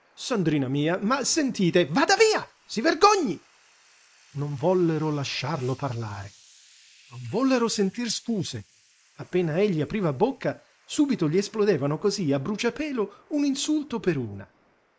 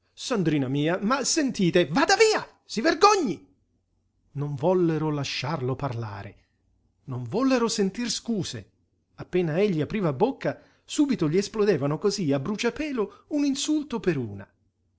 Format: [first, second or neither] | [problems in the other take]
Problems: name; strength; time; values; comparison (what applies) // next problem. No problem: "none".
second | noise reduction (neural mask model Resemble Enhance denoiser)